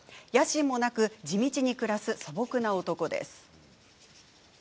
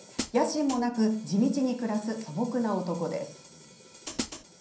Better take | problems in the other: first | background sound (Hi-hat); 13 dB below the speech // room echo; dies away in 0.6 s

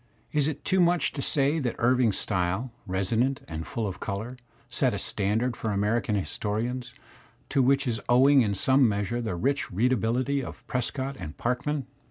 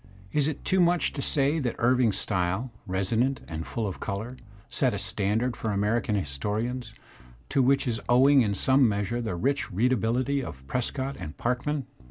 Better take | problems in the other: first | background sound (Bass guitar); 20 dB below the speech

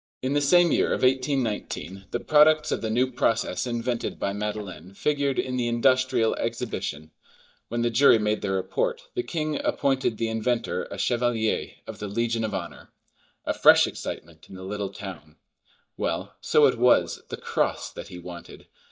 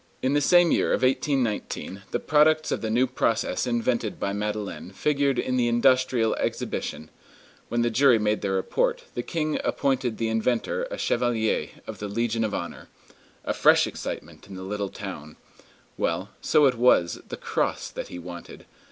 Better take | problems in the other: second | noise reduction (neural mask model DeepFilterNet 3)

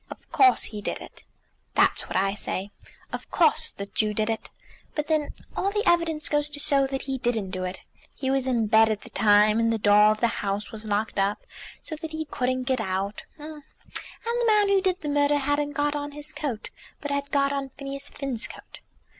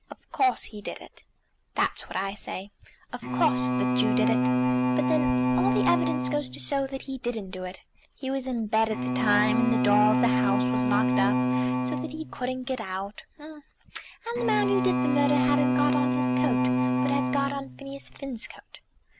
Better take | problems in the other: first | background sound (Bowed string instrument); 5 dB above the speech

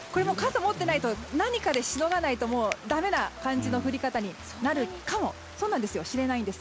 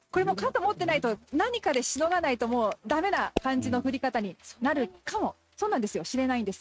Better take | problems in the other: first | noise reduction (neural mask model RNNoise)

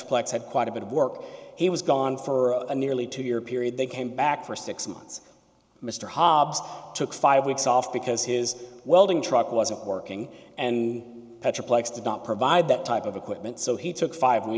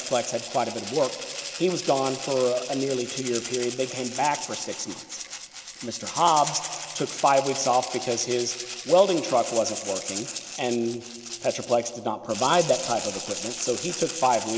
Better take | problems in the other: first | background sound (Rattle (instrument)); 9 dB below the speech

